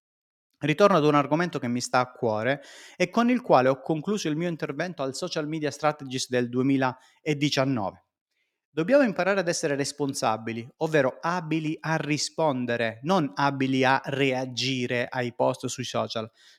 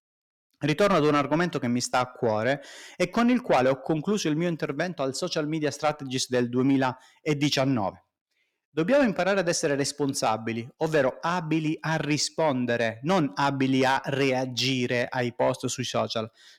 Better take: first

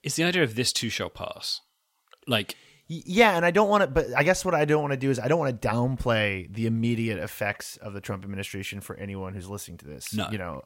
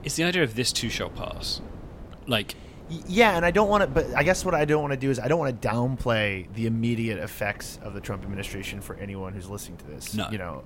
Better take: first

